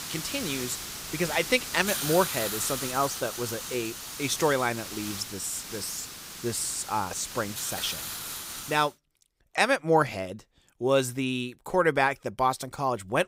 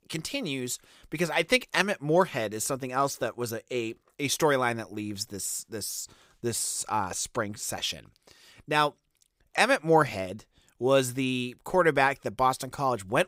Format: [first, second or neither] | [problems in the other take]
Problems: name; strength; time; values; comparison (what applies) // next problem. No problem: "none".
second | hiss; loud; until 9 s; 6 dB below the speech